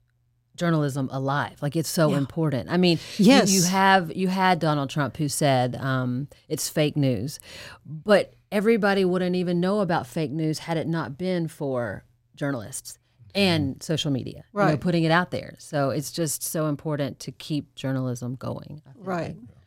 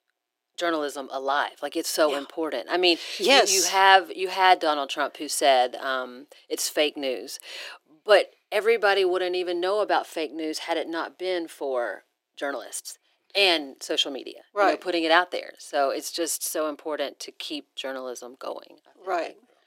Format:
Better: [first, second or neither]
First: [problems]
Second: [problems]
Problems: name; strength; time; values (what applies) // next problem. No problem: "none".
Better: first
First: none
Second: thin; very; fading below 350 Hz